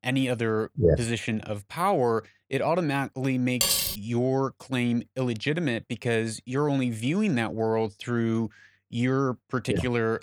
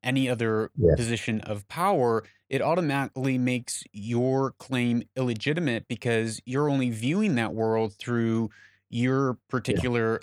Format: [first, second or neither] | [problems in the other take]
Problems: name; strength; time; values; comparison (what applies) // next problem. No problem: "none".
second | clattering dishes; loud; at 3.5 s; peak 4 dB above the speech